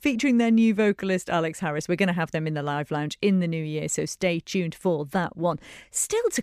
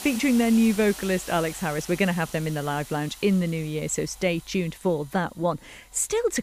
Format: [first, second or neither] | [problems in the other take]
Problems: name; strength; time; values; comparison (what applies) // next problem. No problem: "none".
first | hiss; noticeable; throughout; 15 dB below the speech